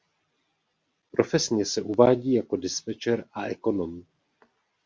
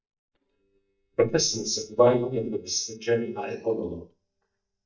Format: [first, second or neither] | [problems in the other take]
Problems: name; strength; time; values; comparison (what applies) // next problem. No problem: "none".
first | noise reduction (neural mask model DeepFilterNet 3)